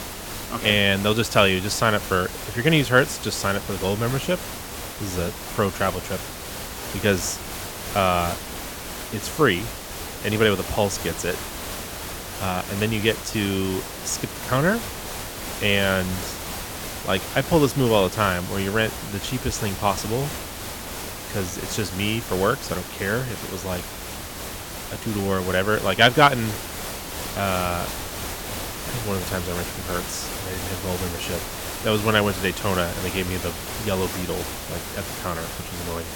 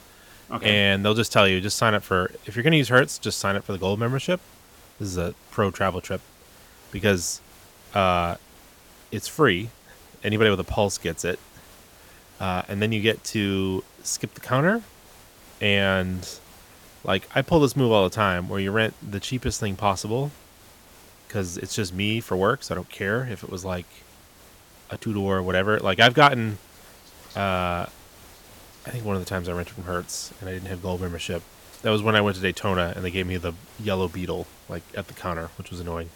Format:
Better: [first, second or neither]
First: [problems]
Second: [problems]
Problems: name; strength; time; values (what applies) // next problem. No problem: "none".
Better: second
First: hiss; loud; throughout; 8 dB below the speech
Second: hiss; faint; throughout; 25 dB below the speech